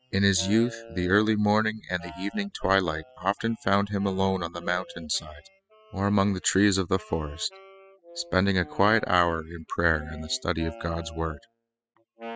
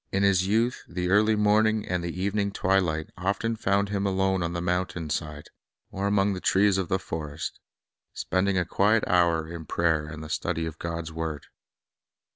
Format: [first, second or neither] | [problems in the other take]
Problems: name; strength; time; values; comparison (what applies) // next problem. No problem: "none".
second | noise reduction (classical method spectral subtraction)